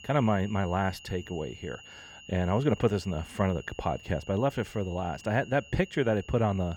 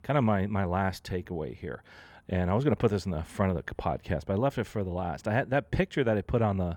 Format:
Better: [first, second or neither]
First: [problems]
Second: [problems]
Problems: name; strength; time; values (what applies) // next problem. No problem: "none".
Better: second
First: high-pitched whine; noticeable; throughout; 3 kHz, 20 dB below the speech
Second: none